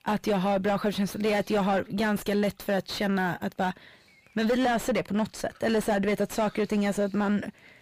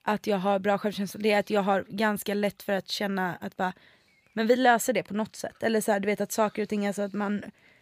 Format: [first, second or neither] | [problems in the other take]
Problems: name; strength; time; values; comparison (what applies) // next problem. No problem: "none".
second | distortion; heavy; 6 dB below the speech